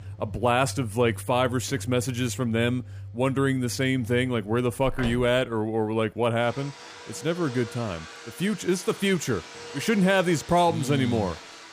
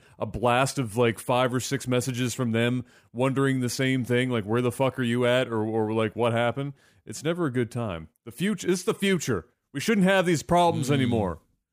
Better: second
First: household noises; noticeable; throughout; 15 dB below the speech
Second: none

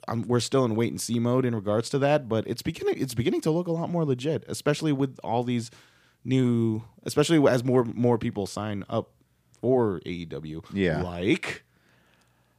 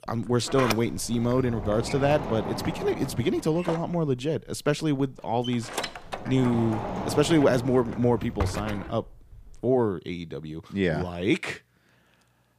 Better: first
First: none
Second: door banging; noticeable; until 9 s; peak 3 dB below the speech

